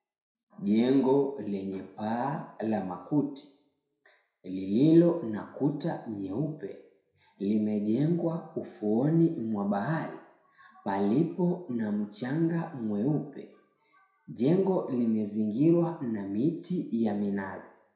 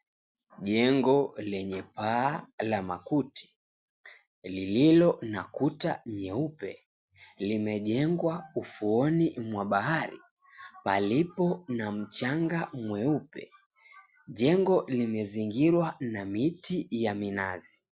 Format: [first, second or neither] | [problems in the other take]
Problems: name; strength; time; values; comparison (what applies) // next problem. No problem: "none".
second | room echo; dies away in 0.5 s